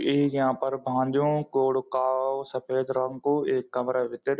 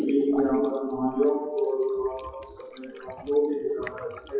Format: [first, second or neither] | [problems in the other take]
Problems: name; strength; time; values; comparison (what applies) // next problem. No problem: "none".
first | noise reduction (classical method WPE with log-MMSE)